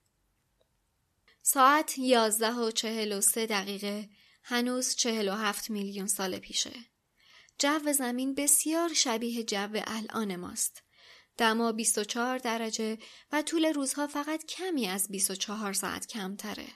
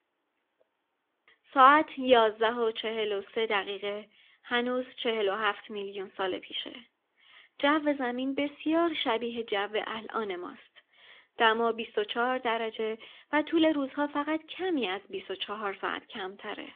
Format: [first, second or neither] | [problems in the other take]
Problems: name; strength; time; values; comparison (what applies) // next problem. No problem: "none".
first | phone-call audio; nothing above 3.5 kHz